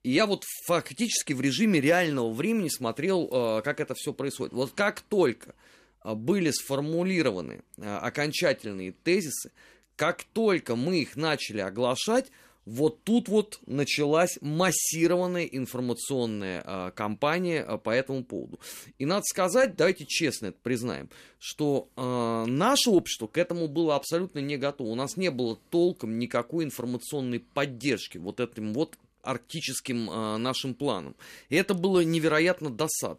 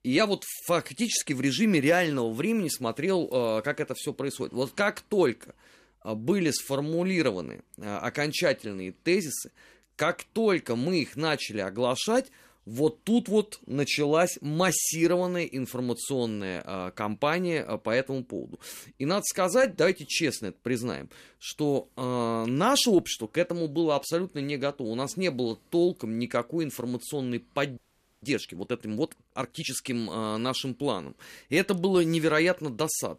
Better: first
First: none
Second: audio freezing; at 28 s

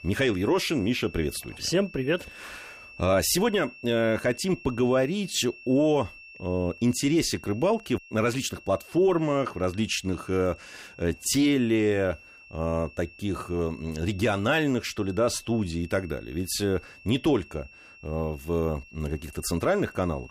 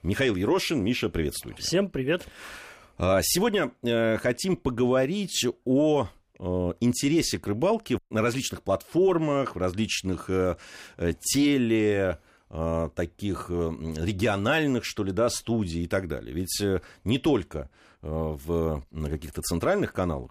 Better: second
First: high-pitched whine; faint; throughout; 2.5 kHz, 20 dB below the speech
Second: none

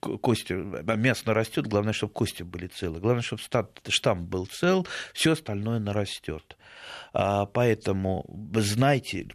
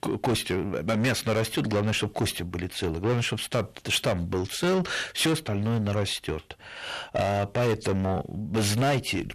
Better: first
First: none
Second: distortion; heavy; 7 dB below the speech

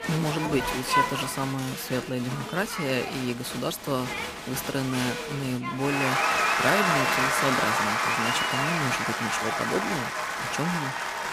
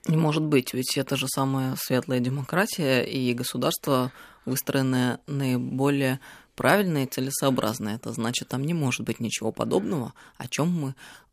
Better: second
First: crowd noise; very loud; throughout; 3 dB above the speech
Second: none

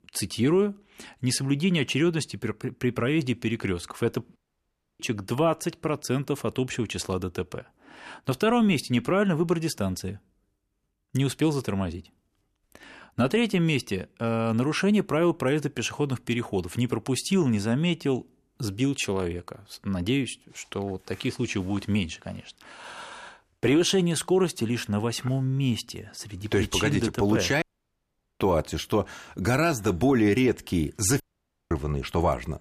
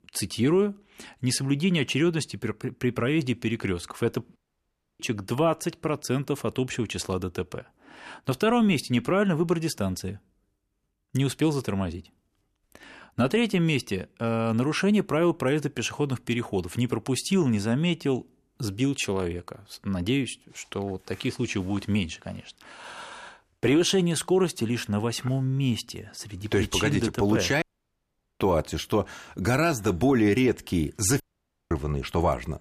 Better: neither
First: audio cutting out; at 4.5 s for 0.5 s, at 28 s for 1 s and at 31 s for 0.5 s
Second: audio cutting out; at 4.5 s for 0.5 s, at 28 s for 1 s and at 31 s for 0.5 s

